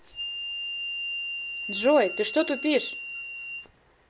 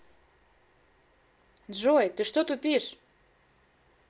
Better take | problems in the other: second | background sound (Harmonica); 6 dB below the speech

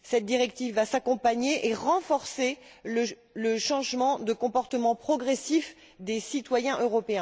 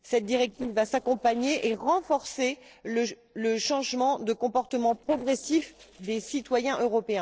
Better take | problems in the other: first | noise reduction (neural separator model SepFormer DNS4)

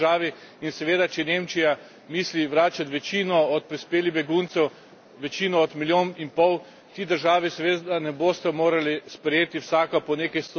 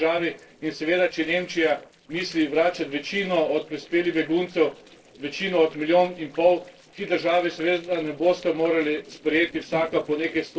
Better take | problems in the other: first | noise reduction (neural separator model SepFormer DNS4)

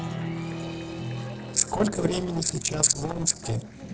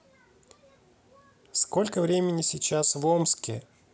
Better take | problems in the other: second | noise reduction (neural separator model SepFormer DNS4)

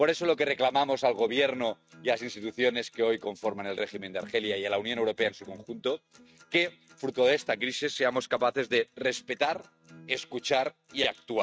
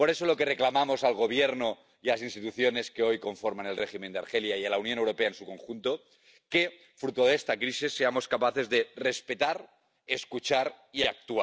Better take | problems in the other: second | noise reduction (neural mask model RNNoise)

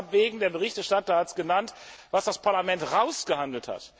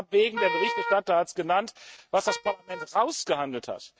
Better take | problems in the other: first | noise reduction (neural mask model RNNoise)

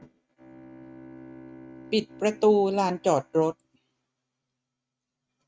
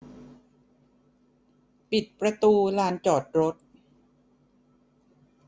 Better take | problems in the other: second | noise reduction (neural mask model RNNoise)

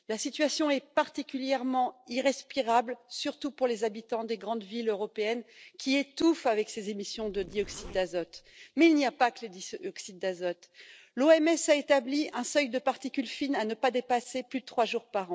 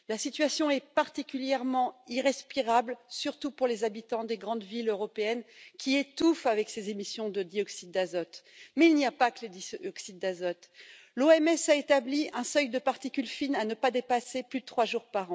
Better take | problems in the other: second | noise reduction (neural separator model SepFormer DNS4)

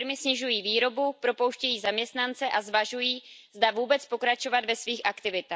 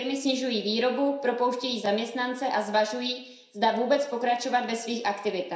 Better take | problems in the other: first | room echo; dies away in 0.7 s

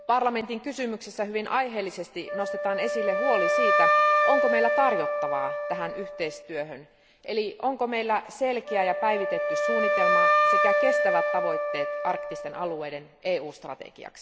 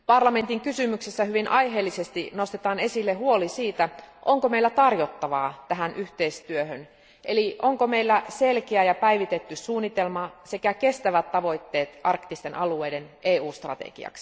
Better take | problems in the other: second | background sound (Wind instrument, woodwind instrument); 3 dB above the speech

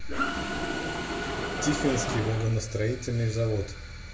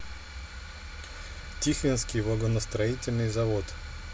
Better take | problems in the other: second | background sound (Mechanisms); 4 dB below the speech // room echo; dies away in 0.9 s

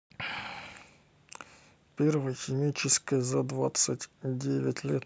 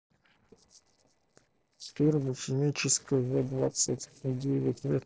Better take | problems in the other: first | noise reduction (neural separator model SepFormer DNS4)

